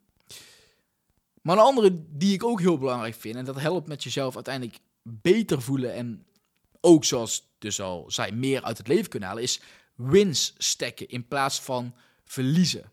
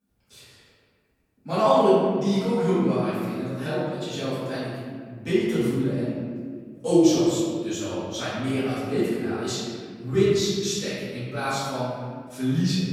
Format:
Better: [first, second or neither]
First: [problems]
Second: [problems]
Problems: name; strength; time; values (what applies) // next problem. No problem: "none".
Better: first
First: none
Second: off-mic speech; far // room echo; strong; dies away in 1.9 s